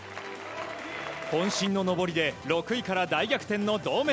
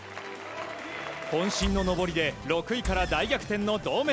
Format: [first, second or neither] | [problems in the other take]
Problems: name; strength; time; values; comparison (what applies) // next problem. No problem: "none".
first | background sound (Engine); 7 dB below the speech